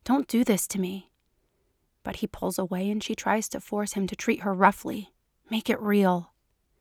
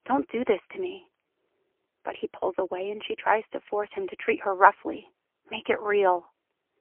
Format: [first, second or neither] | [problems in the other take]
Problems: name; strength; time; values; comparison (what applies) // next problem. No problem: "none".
first | phone-call audio; poor line; nothing above 3 kHz